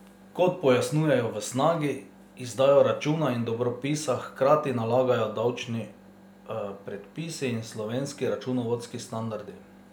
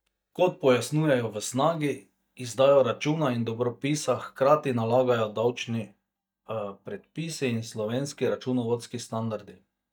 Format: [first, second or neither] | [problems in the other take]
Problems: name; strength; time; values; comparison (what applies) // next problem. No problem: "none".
first | noise reduction (neural mask model DeepFilterNet 3)